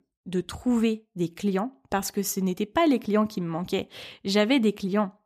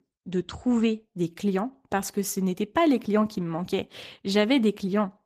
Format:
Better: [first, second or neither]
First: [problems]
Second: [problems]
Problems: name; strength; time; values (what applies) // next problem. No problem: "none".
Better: first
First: none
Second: garbled, watery; slightly; nothing above 14.5 kHz